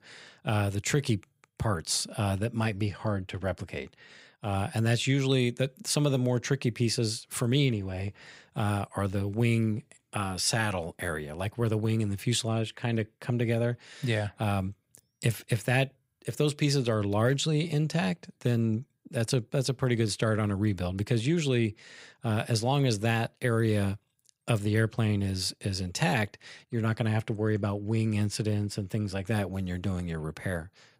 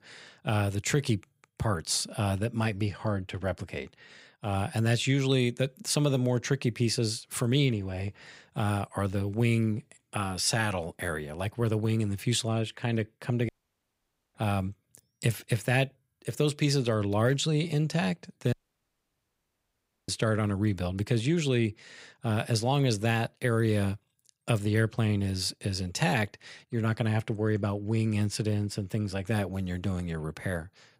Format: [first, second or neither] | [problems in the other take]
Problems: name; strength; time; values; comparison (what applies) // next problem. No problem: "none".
first | audio cutting out; at 13 s for 1 s and at 19 s for 1.5 s